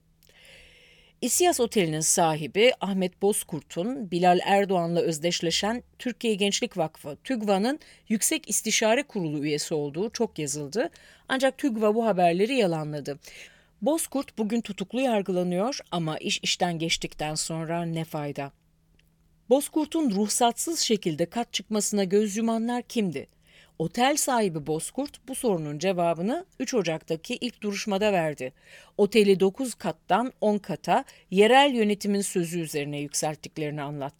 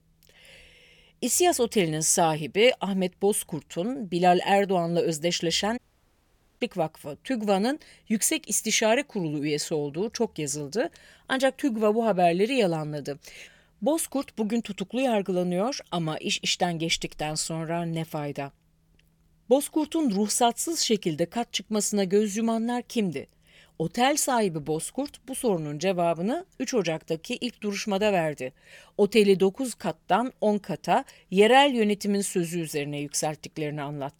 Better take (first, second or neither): first